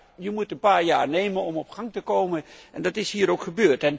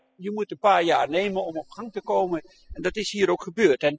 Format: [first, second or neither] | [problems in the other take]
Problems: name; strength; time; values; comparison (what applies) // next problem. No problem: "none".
first | noise reduction (classical method spectral subtraction)